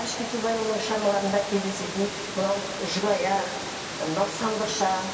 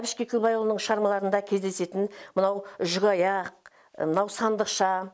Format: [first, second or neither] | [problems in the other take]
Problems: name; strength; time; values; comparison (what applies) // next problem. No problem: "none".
second | background sound (Water); 7 dB below the speech // room echo; dies away in 2.6 s